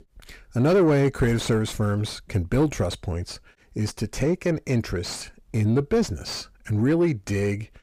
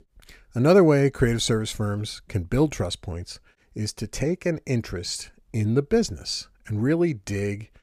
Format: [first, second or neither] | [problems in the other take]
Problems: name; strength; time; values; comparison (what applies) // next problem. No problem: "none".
second | distortion; slight; 10 dB below the speech